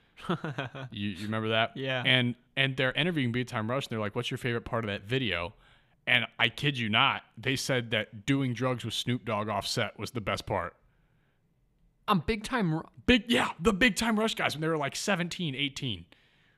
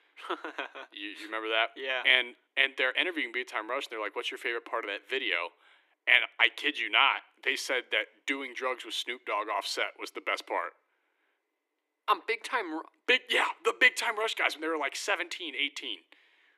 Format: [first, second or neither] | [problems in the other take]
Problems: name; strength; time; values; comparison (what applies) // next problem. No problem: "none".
first | thin; very; fading below 300 Hz